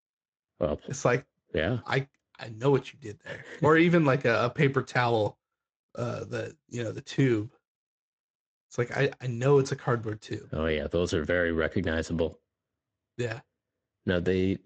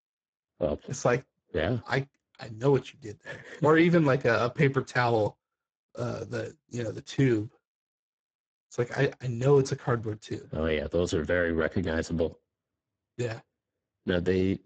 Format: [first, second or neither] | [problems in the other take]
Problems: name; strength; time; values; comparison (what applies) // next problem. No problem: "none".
first | garbled, watery; badly; nothing above 7.5 kHz; slightly in the first